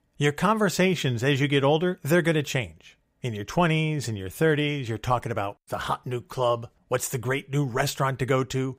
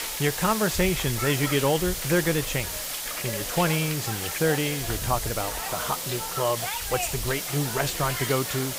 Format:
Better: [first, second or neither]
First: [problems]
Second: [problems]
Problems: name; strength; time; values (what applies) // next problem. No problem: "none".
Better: first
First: none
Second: hiss; loud; throughout; 2 dB below the speech